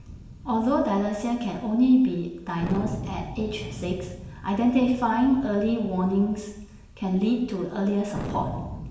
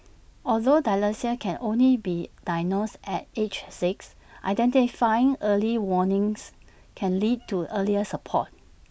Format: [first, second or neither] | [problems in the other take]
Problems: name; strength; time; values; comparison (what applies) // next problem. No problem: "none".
second | background sound (Thunder); 13 dB below the speech // room echo; dies away in 0.9 s